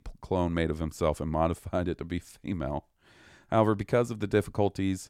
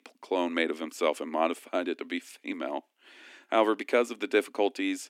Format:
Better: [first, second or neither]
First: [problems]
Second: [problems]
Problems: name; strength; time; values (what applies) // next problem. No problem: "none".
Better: first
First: none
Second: thin; very slightly; fading below 250 Hz